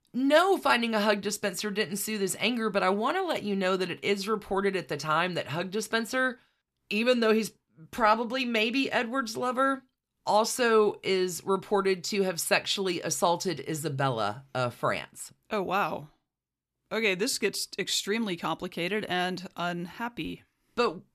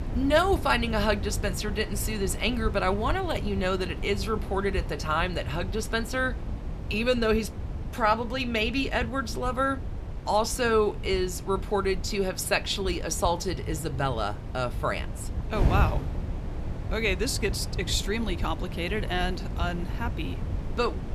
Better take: first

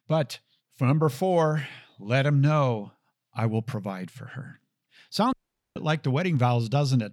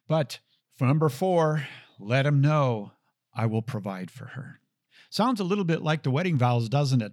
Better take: second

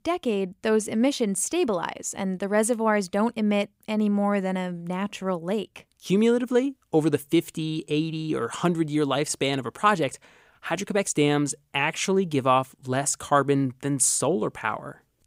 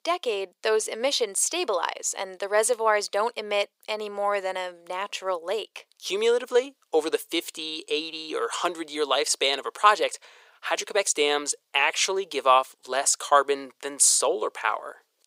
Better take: first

